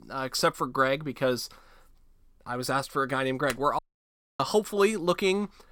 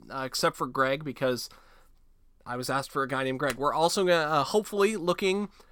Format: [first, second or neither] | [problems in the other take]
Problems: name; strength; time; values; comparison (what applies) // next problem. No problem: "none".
second | audio cutting out; at 4 s for 0.5 s